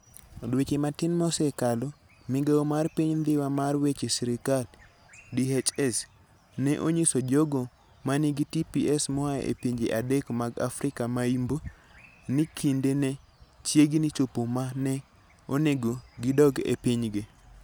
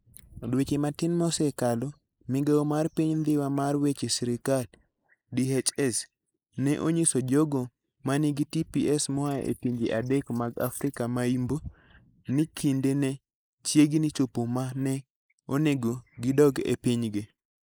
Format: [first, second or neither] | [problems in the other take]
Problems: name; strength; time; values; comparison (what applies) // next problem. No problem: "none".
first | noise reduction (neural mask model Resemble Enhance denoiser)